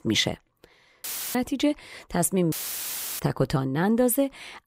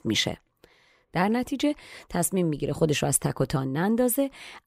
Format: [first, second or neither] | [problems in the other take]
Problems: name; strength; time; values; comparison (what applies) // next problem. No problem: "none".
second | audio cutting out; filled with static; at 1 s and at 2.5 s for 0.5 s